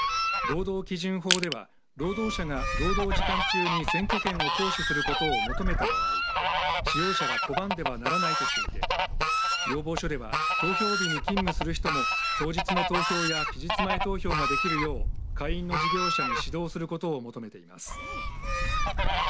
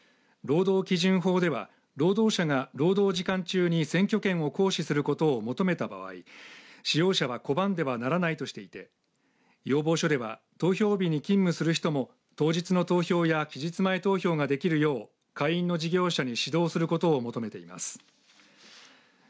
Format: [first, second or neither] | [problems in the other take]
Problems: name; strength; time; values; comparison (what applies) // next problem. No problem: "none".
second | background sound (Fowl + Crushing); 5 dB above the speech